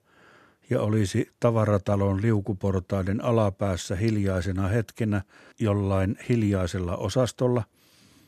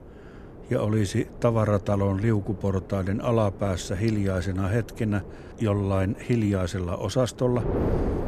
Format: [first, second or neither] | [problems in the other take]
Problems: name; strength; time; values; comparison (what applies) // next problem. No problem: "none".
first | wind noise on the microphone; occasional gusts; 10 dB below the speech